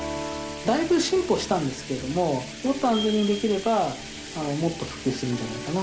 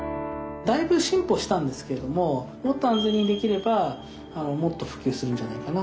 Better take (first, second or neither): second